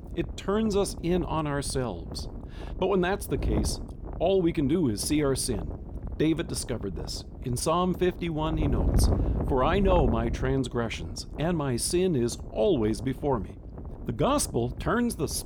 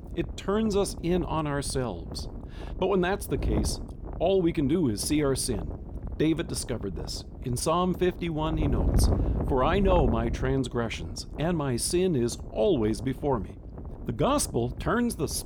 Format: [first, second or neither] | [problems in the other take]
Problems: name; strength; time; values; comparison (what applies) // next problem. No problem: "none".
neither | wind noise on the microphone; occasional gusts; 15 dB below the speech; the same in both